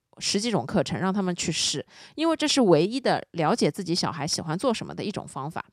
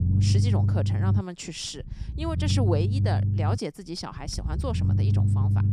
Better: first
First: none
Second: low rumble; loud; throughout; 3 dB below the speech

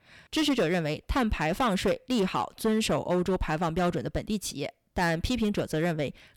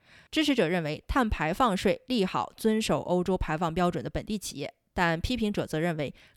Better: second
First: distortion; slight; 7% of the sound clipped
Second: none

